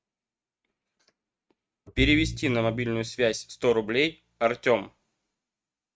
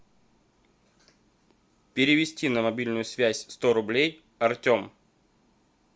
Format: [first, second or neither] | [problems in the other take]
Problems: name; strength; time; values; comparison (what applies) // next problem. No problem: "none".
second | noise reduction (neural mask model RNNoise)